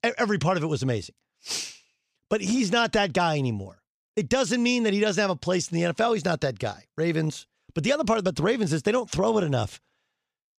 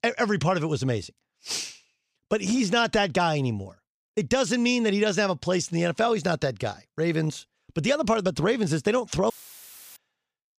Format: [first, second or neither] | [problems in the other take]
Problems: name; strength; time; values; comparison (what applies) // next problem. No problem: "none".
first | audio cutting out; filled with static; at 9.5 s for 0.5 s